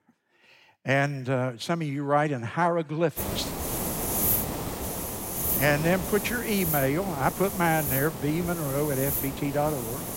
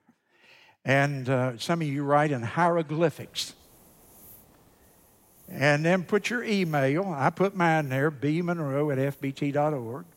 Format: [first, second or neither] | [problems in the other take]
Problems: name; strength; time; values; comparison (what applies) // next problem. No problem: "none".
second | hiss; loud; from 3 s on; 2 dB below the speech; faint in the second